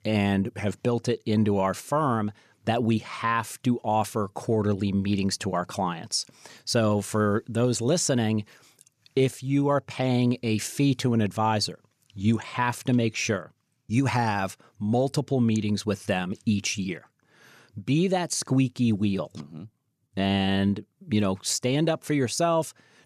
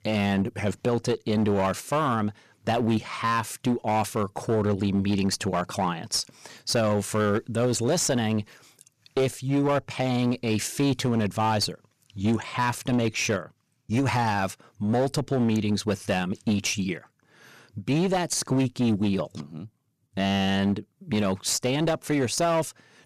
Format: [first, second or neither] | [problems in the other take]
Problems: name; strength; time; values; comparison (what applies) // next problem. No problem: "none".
first | distortion; slight; 13% of the sound clipped